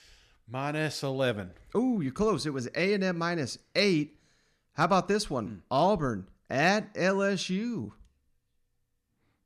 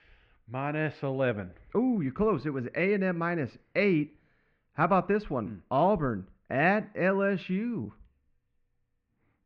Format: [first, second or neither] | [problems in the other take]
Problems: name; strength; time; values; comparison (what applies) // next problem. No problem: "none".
first | muffled; very; fading above 2.5 kHz